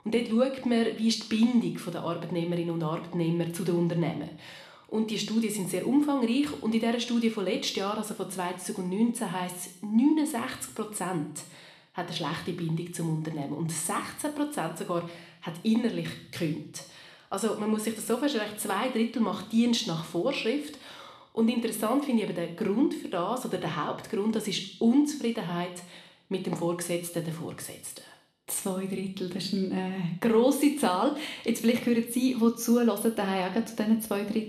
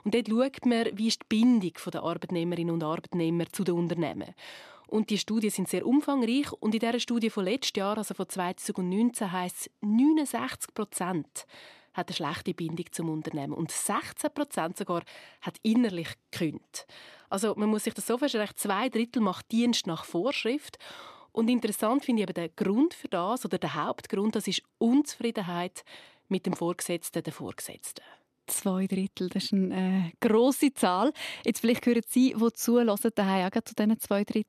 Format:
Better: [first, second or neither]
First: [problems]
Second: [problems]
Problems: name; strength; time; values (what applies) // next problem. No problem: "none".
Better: second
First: room echo; slight; dies away in 0.6 s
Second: none